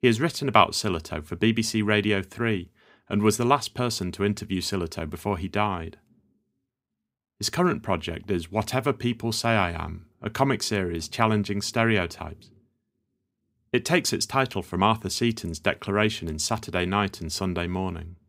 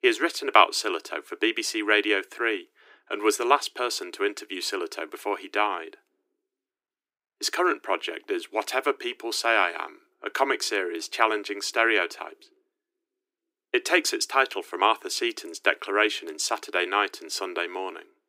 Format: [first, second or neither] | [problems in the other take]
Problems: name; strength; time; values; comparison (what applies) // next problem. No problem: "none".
first | thin; very; fading below 300 Hz